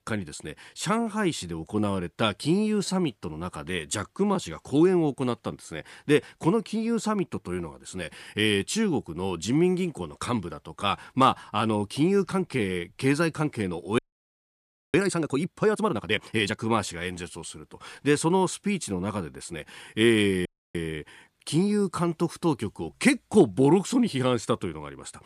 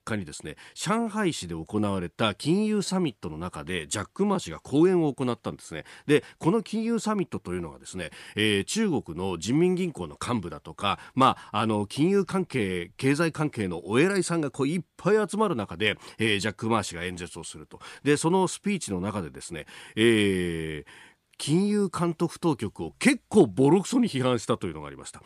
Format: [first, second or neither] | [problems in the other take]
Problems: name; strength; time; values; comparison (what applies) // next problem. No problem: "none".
second | audio freezing; at 14 s for 1 s and at 20 s